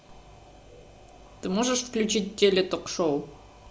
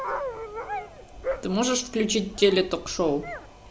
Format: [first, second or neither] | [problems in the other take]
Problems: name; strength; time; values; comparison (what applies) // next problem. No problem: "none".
first | background sound (Dog); 9 dB below the speech